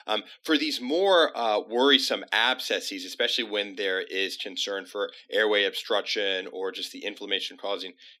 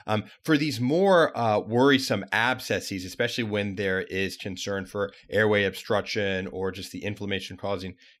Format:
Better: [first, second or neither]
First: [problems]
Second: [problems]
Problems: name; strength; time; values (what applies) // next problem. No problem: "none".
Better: second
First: thin; very slightly; fading below 250 Hz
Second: none